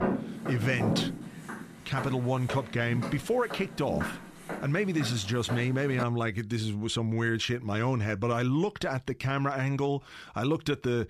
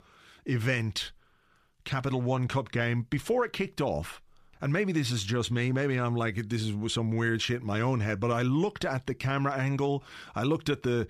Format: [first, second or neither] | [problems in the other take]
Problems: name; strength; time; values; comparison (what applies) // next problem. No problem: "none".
second | footsteps; loud; until 6 s; peak level with the speech